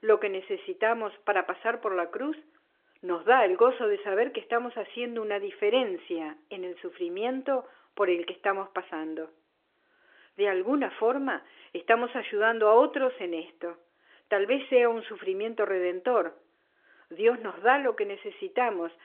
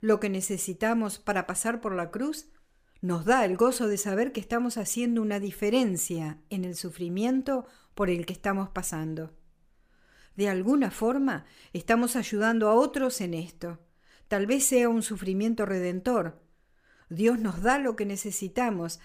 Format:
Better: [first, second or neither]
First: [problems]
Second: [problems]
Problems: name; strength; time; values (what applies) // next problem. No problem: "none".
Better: second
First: phone-call audio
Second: none